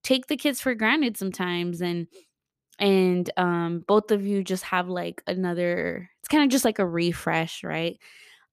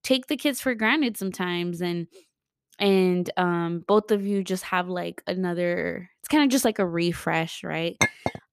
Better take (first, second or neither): first